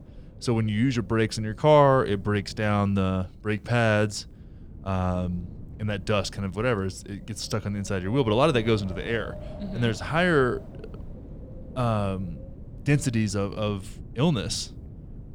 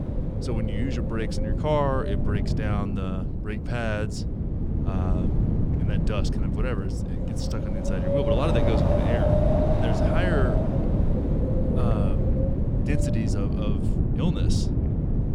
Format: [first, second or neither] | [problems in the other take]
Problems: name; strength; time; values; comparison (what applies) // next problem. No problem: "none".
first | wind noise on the microphone; heavy; 1 dB above the speech; occasional gusts in the first